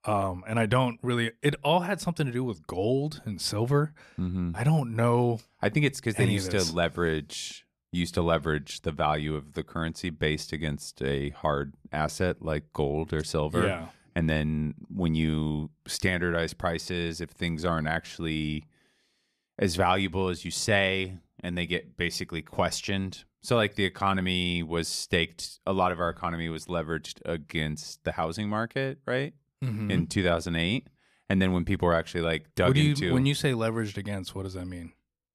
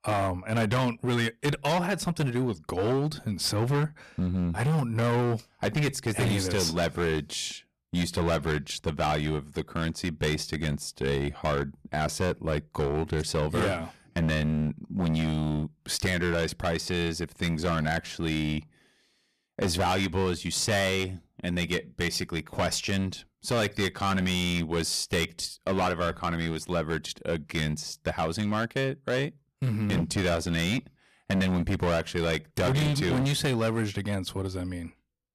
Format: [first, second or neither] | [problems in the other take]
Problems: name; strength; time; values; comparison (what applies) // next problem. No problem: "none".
first | distortion; heavy; 14% of the sound clipped